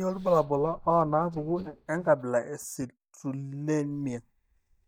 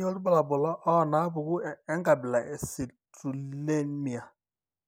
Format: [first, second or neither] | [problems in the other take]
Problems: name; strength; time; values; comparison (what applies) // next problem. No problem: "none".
second | noise reduction (neural mask model DeepFilterNet 3)